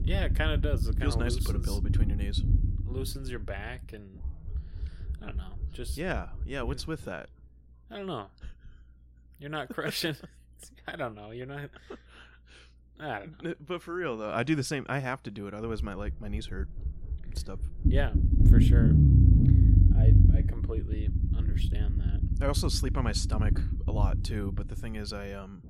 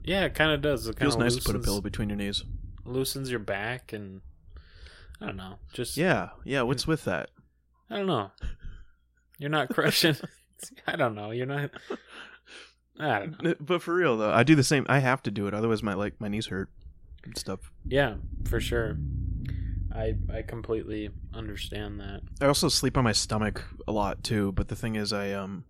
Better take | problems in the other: second | low rumble; loud; throughout; 3 dB below the speech; faint in the second

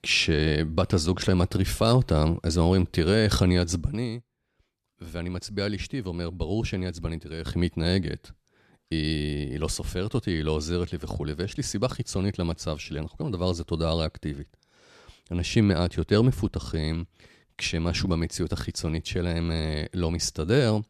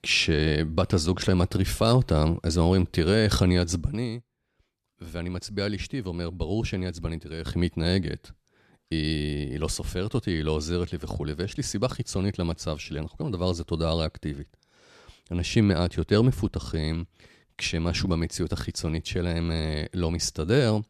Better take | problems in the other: neither | none

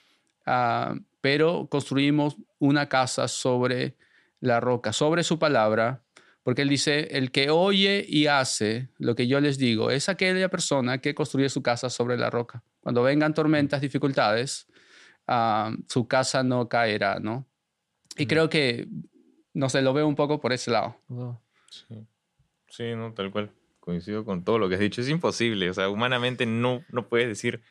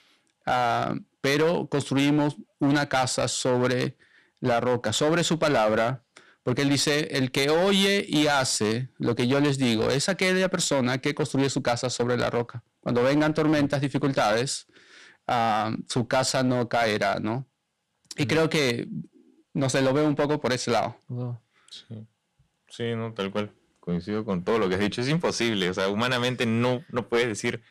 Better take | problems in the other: first | distortion; slight; 11% of the sound clipped

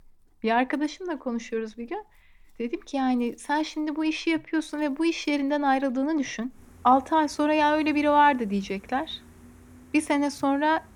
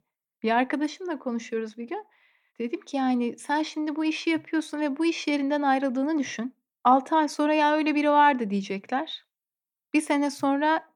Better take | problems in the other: second | animal sounds; faint; throughout; 30 dB below the speech

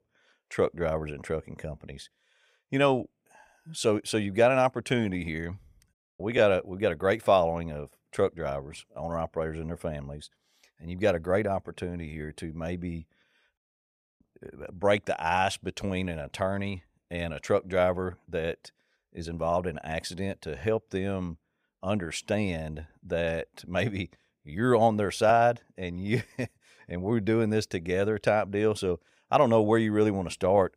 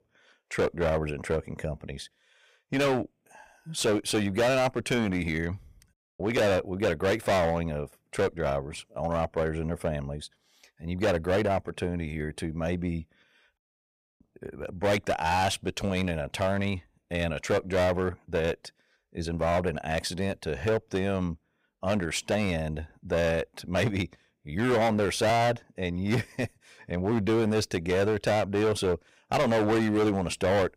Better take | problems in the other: first | distortion; heavy; 13% of the sound clipped

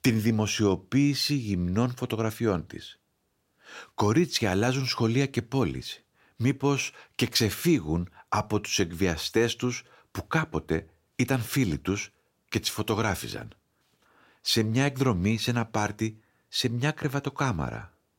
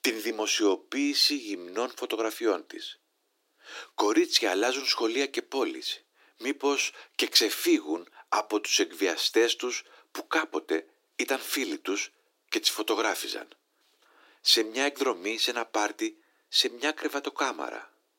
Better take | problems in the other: first | thin; somewhat; fading below 300 Hz

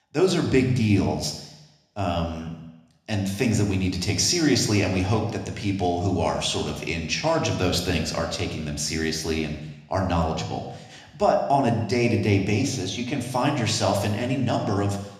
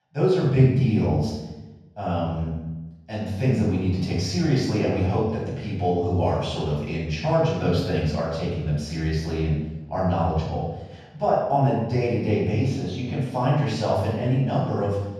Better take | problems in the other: first | room echo; strong; dies away in 1.3 s; slight in the first // off-mic speech; far

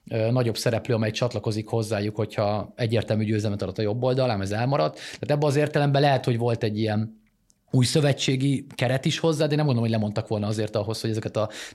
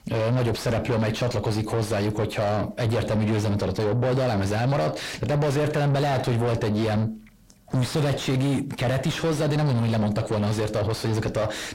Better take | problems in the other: first | distortion; heavy; 5 dB below the speech

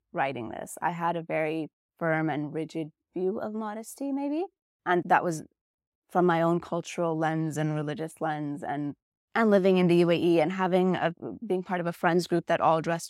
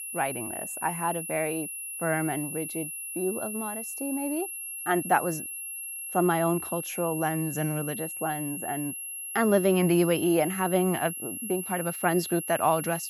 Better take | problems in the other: first | high-pitched whine; loud; throughout; 11 kHz, 6 dB below the speech

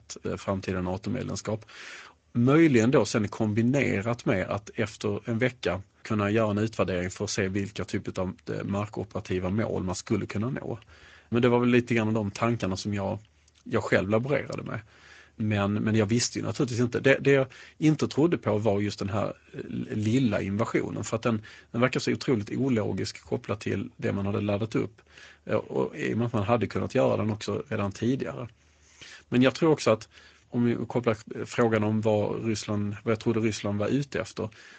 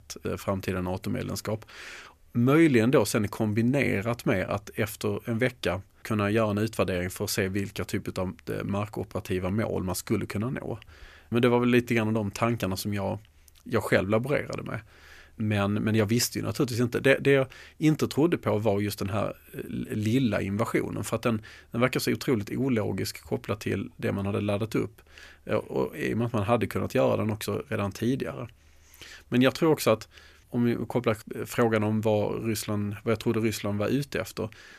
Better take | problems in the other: second | garbled, watery; slightly; nothing above 7.5 kHz

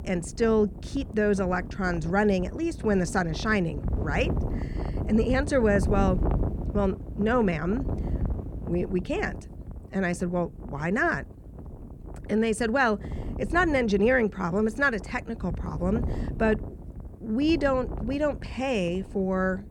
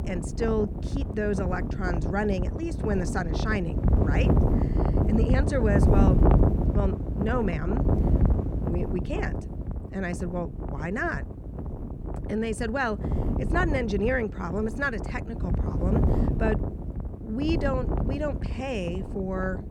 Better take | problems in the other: first | wind noise on the microphone; heavy; 4 dB below the speech; occasional gusts in the first

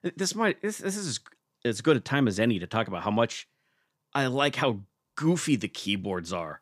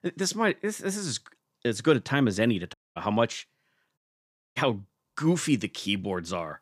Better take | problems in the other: first | audio cutting out; at 2.5 s and at 4 s for 0.5 s

